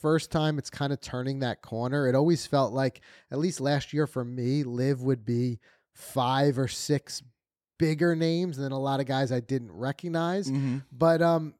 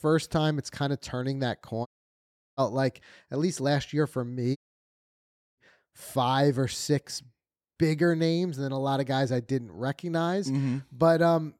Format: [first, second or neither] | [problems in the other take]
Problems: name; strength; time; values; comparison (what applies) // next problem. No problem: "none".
first | audio cutting out; at 2 s for 0.5 s and at 4.5 s for 1 s